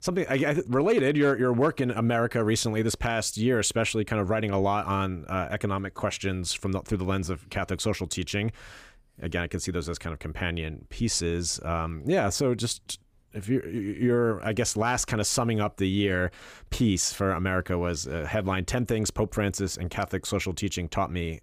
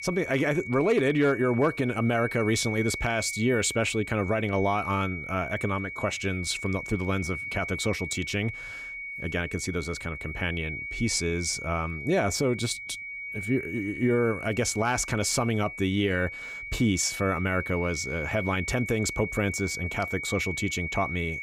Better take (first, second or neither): first